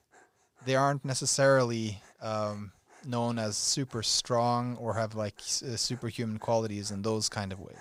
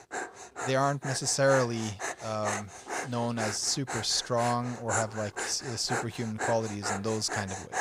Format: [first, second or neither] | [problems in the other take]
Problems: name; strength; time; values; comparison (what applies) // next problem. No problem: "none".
first | animal sounds; loud; throughout; 6 dB below the speech; faint in the first